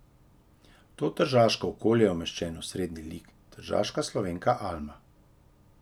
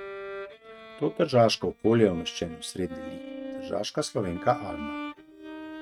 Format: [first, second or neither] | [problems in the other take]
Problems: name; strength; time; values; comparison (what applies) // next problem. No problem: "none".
first | noise reduction (neural mask model RNNoise)